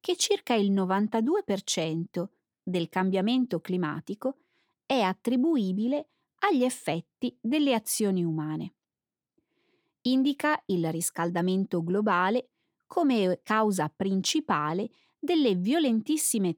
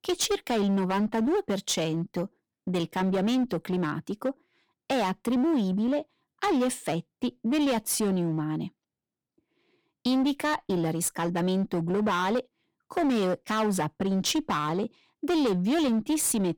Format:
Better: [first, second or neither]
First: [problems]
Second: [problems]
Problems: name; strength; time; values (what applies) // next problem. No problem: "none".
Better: first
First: none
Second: distortion; slight; 16% of the sound clipped